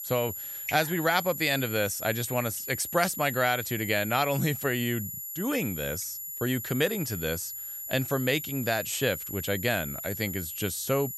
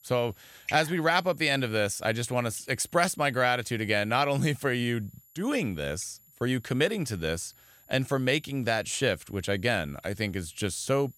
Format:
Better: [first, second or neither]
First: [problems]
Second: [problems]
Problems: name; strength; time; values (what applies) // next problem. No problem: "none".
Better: second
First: high-pitched whine; loud; throughout; 11.5 kHz, 6 dB below the speech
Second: high-pitched whine; faint; throughout; 11.5 kHz, 30 dB below the speech